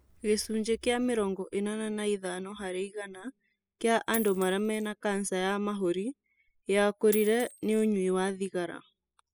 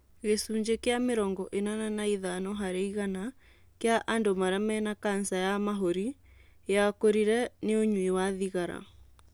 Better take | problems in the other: second | noise reduction (classical method spectral subtraction)

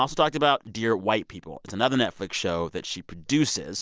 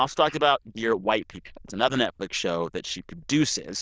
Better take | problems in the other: first | noise reduction (neural diffusion model UNIVERSE++)

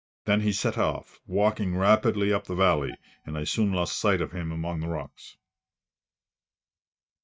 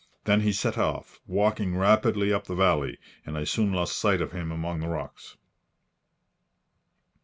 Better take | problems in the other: second | noise reduction (neural mask model DeepFilterNet 3)

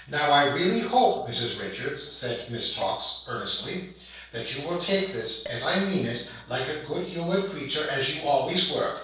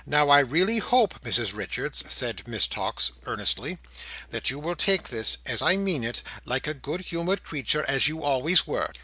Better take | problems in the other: second | noise reduction (neural separator model SepFormer DNS4)

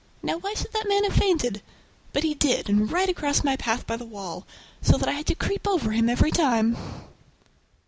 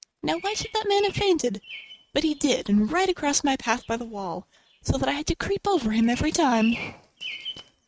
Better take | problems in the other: first | noise reduction (neural mask model RNNoise)

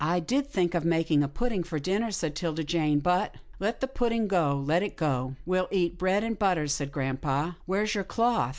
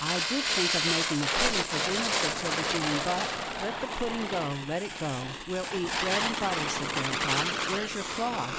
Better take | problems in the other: first | background sound (Fire); 3 dB above the speech

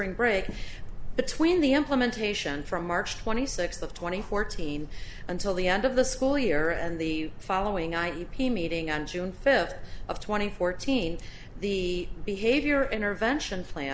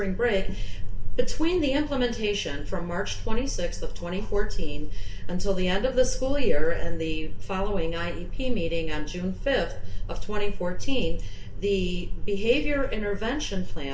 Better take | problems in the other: first | room echo; dies away in 0.2 s

